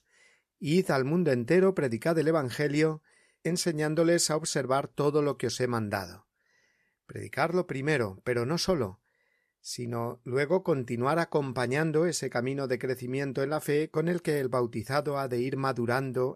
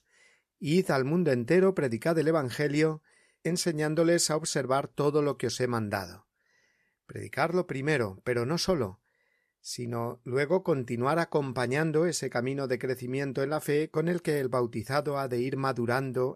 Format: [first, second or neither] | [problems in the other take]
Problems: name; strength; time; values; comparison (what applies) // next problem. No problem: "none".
neither | none